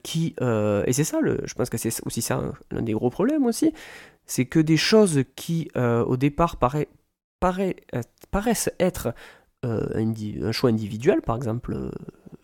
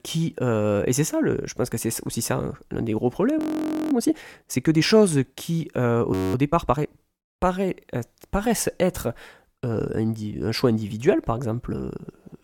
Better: first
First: none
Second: audio freezing; at 3.5 s for 0.5 s and at 6 s

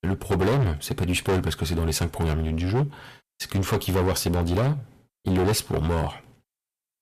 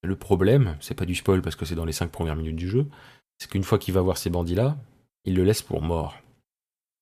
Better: second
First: distortion; heavy; 16% of the sound clipped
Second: none

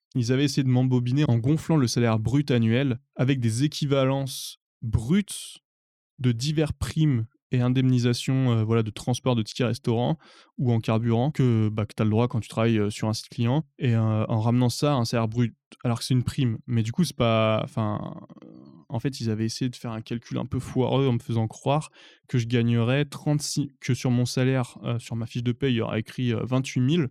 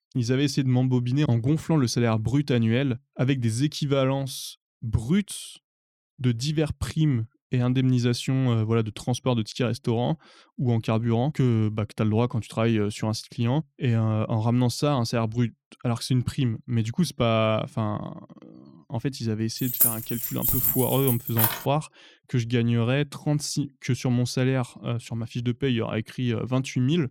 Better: first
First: none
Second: jangling keys; loud; from 20 to 22 s; peak 5 dB above the speech

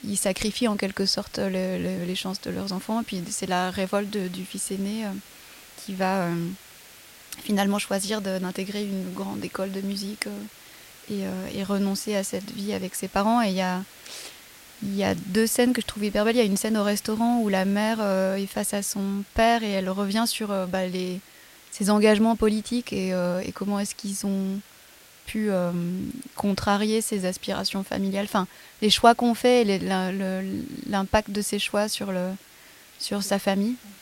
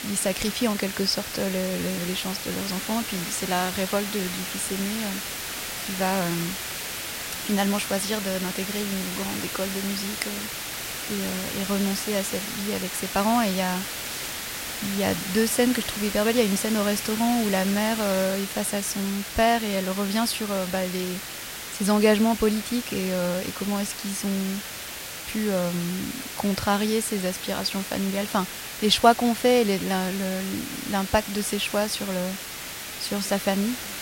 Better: first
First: hiss; faint; throughout; 20 dB below the speech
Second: hiss; loud; throughout; 5 dB below the speech

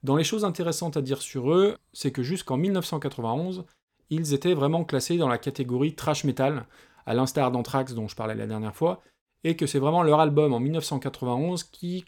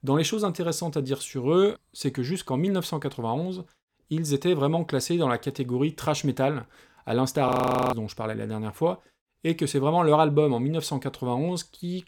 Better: first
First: none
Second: audio freezing; at 7.5 s

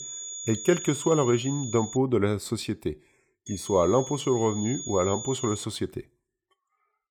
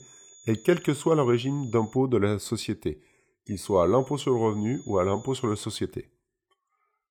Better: second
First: high-pitched whine; loud; until 2 s and from 3.5 to 5.5 s; 7 kHz, 9 dB below the speech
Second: high-pitched whine; faint; until 2 s and from 3.5 to 5.5 s; 7 kHz, 25 dB below the speech

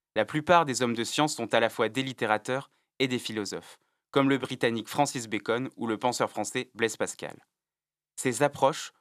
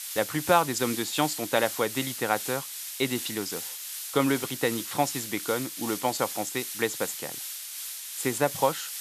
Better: first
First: none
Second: hiss; loud; throughout; 6 dB below the speech

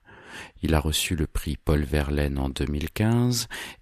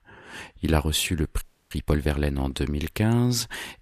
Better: first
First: none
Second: audio freezing; at 1.5 s

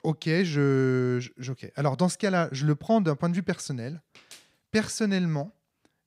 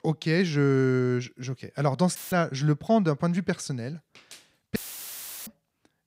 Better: first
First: none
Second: audio cutting out; filled with static; at 2 s and at 5 s for 0.5 s

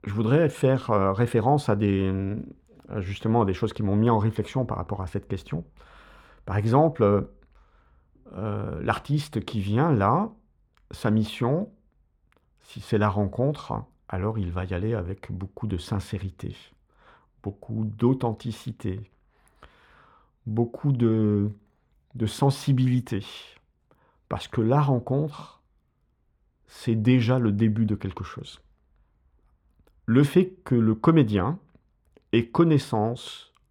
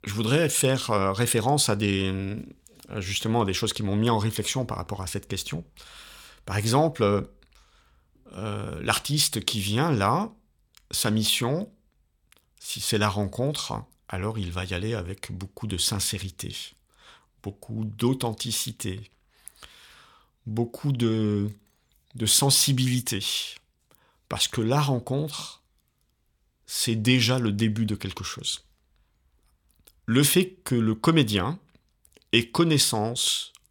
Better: second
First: muffled; very; fading above 2.5 kHz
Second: none

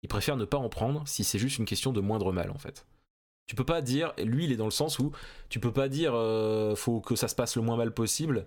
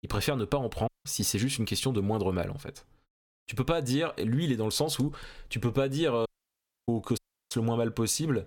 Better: first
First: none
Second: audio cutting out; at 1 s, at 6.5 s for 0.5 s and at 7 s

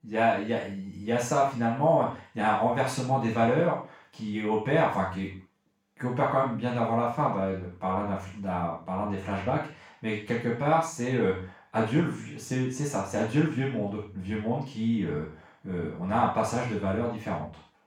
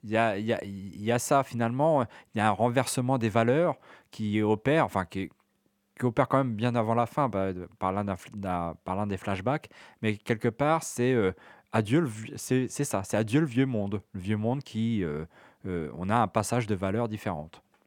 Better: second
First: room echo; noticeable; dies away in 0.4 s // off-mic speech; far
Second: none

